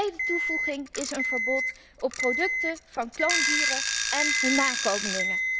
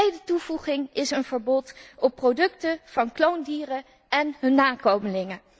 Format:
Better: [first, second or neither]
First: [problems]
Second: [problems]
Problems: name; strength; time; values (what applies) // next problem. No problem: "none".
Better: second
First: background sound (Alarm / Clock + Alarm); 3 dB above the speech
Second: none